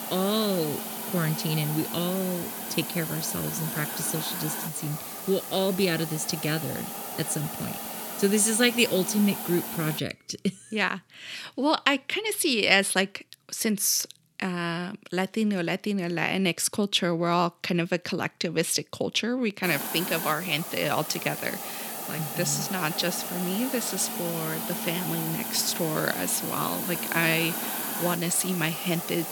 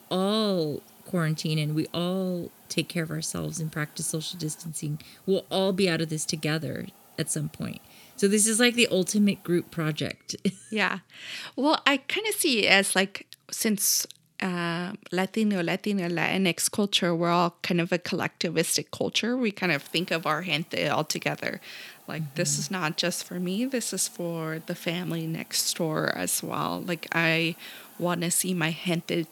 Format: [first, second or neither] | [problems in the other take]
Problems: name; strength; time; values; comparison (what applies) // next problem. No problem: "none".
second | hiss; loud; until 10 s and from 20 s on; 5 dB below the speech; faint in the second